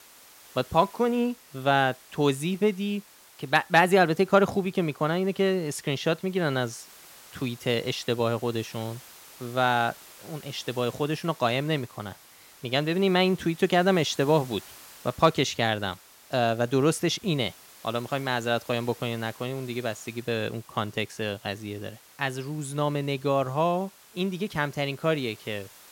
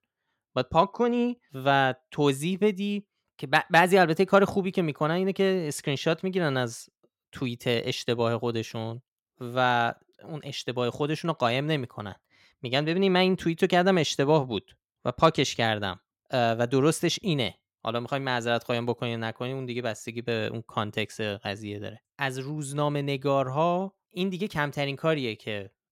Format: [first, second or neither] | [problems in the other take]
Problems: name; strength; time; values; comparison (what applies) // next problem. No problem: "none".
second | hiss; faint; throughout; 20 dB below the speech